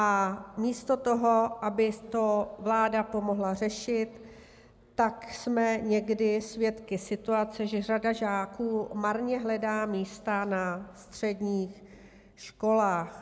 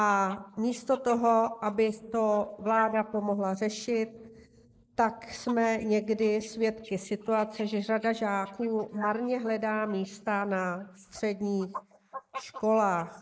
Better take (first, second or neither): first